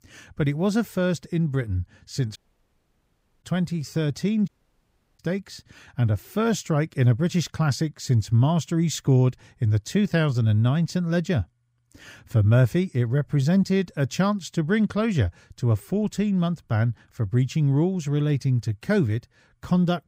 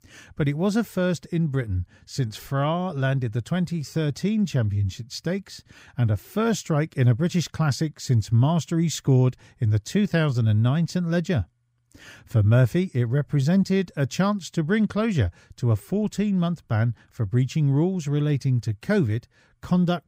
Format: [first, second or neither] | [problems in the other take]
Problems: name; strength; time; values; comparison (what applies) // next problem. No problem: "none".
second | audio cutting out; at 2.5 s for 1 s and at 4.5 s for 0.5 s